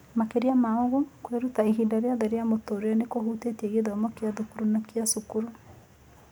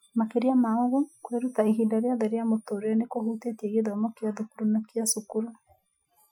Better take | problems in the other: first | noise reduction (classical method Wiener filter)

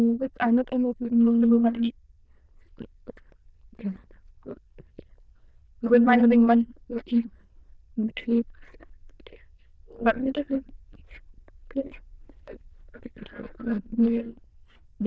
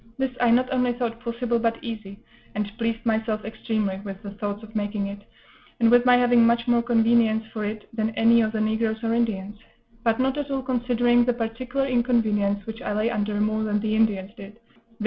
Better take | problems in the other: second | noise reduction (neural diffusion model UNIVERSE++)

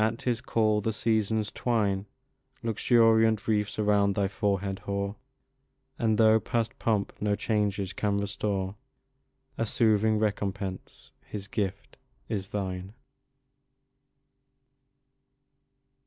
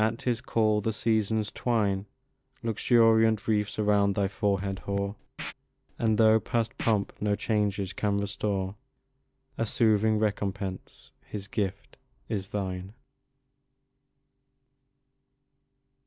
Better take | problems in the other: first | background sound (Scratching (performance technique)); 14 dB below the speech

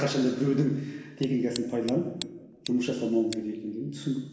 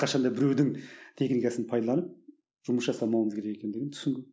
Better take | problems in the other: second | background sound (Tick); 16 dB below the speech // room echo; dies away in 1.2 s

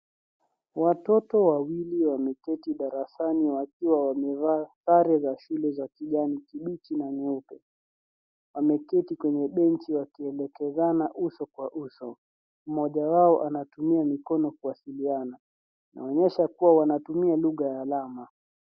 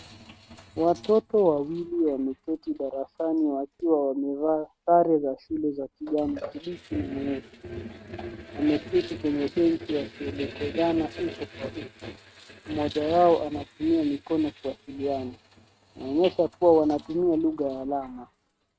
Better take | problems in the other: first | noise reduction (neural mask model RNNoise)

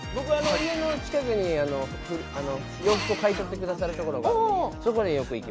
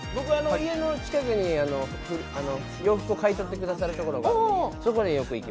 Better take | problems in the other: second | background sound (Drill); 12 dB below the speech

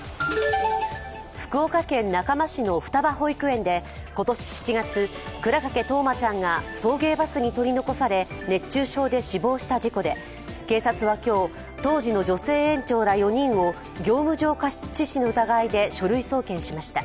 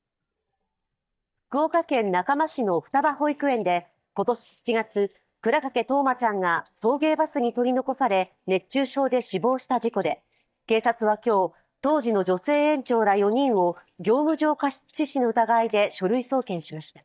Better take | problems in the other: first | noise reduction (neural mask model DeepFilterNet 3)

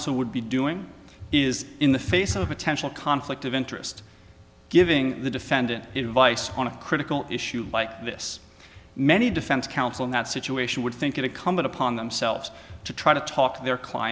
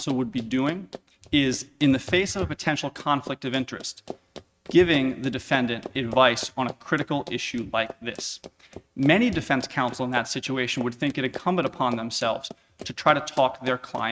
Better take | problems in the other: first | noise reduction (neural mask model RNNoise)

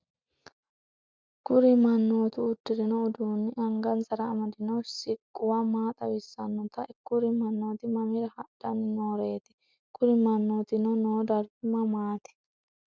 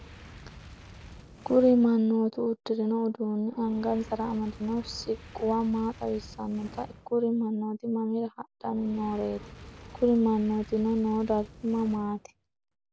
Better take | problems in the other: first | background sound (Fire); 19 dB below the speech

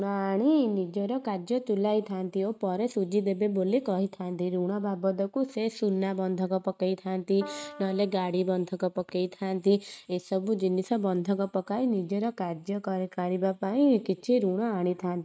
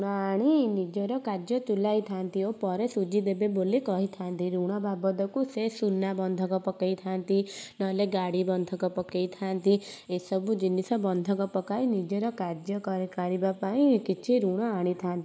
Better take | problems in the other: second | noise reduction (neural mask model RNNoise)

